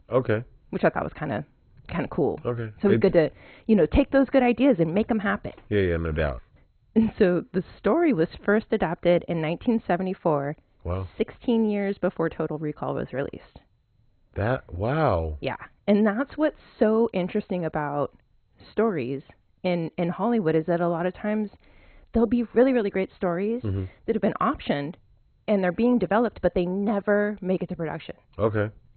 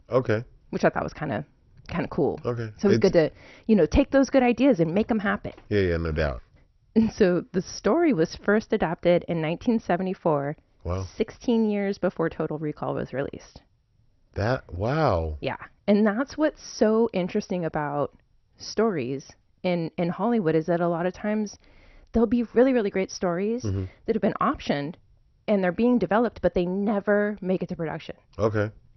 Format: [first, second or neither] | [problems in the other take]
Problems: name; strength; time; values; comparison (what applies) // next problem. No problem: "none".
second | garbled, watery; badly; nothing above 4 kHz; slightly in the second